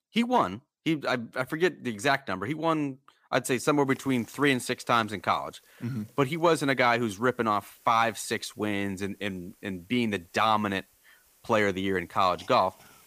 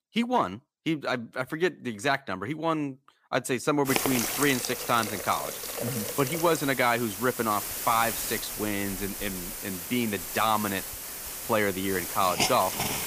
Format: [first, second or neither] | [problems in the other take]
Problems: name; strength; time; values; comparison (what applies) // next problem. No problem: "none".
first | hiss; loud; from 4 s on; 3 dB below the speech; faint in the first